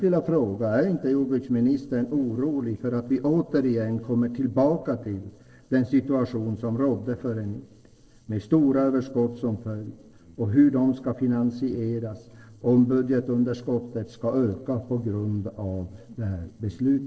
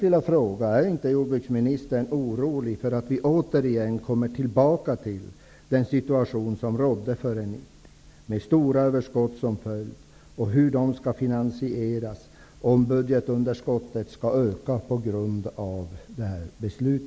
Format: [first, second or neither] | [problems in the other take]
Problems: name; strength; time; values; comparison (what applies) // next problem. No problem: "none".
second | noise reduction (neural separator model SepFormer DNS4)